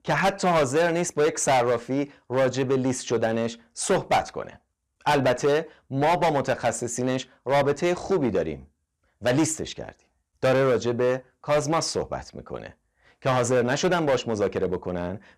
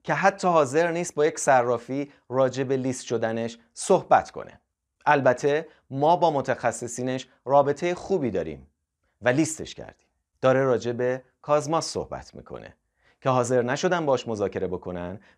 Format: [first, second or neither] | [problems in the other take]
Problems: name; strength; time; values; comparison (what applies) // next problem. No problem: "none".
second | distortion; heavy; 9% of the sound clipped